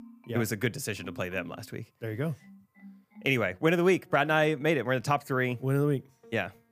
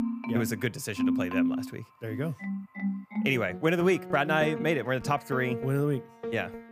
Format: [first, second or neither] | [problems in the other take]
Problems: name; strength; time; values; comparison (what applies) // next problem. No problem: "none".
first | background music; loud; throughout; 5 dB below the speech; faint in the first